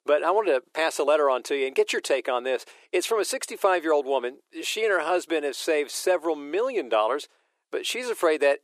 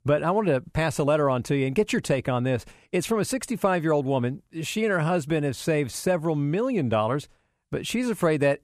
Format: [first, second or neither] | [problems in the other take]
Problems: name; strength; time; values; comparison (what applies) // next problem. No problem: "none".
second | thin; very; fading below 350 Hz